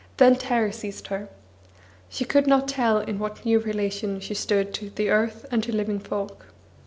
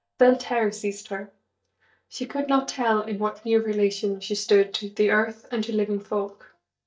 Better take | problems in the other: first | noise reduction (neural mask model DeepFilterNet 3)

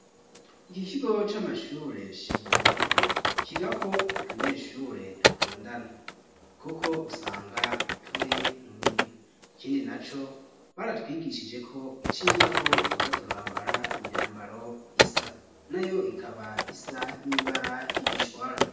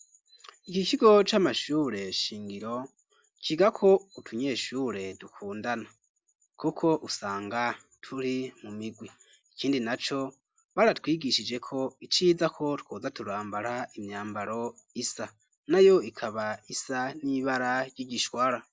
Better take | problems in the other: second | background sound (Typing); 5 dB above the speech // room echo; dies away in 0.8 s

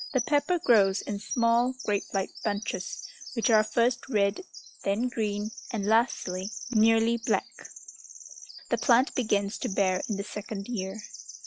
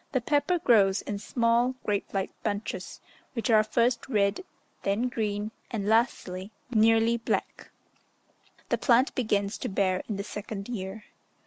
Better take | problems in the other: second | noise reduction (classical method log-MMSE)

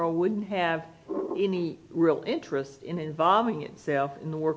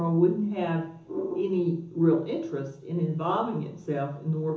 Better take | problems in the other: first | room echo; dies away in 0.7 s

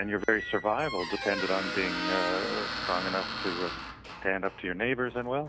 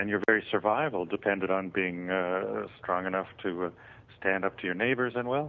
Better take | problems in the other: second | background sound (Squeak); 5 dB below the speech

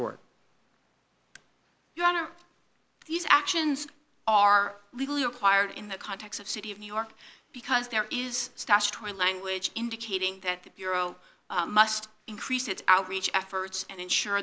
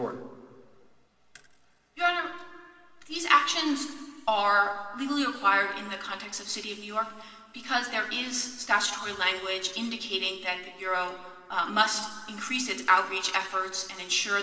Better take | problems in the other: first | room echo; dies away in 2 s

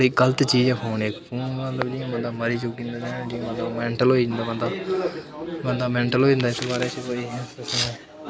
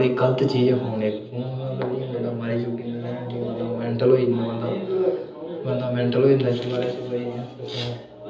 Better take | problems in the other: first | room echo; dies away in 0.7 s

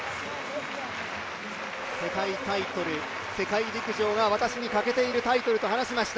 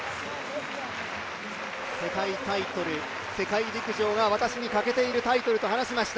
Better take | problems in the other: second | background sound (Wind instrument, woodwind instrument); 19 dB below the speech

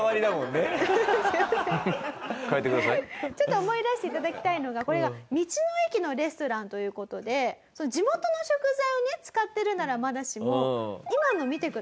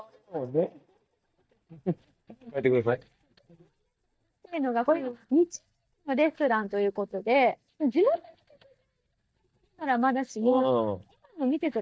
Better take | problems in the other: first | noise reduction (neural mask model DeepFilterNet 3)

